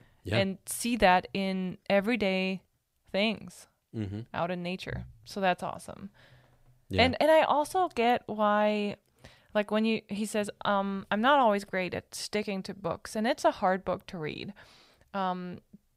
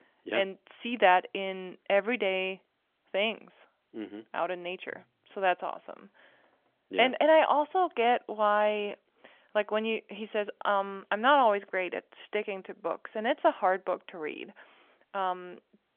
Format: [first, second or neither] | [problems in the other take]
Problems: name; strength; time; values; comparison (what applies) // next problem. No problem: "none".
first | phone-call audio; nothing above 3.5 kHz